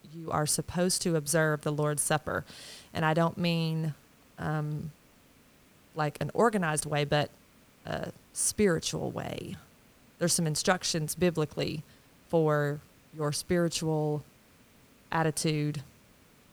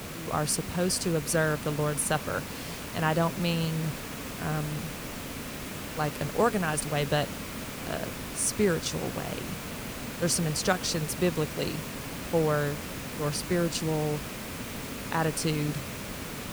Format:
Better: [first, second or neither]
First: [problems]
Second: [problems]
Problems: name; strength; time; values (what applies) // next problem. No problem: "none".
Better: first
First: hiss; faint; throughout; 30 dB below the speech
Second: hiss; loud; throughout; 7 dB below the speech